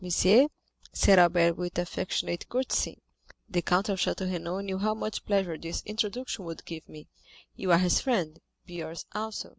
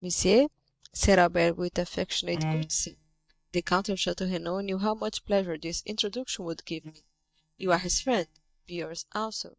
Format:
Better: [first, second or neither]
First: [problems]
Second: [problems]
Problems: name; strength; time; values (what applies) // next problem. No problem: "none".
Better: first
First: none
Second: noise reduction (neural mask model DeepFilterNet 3)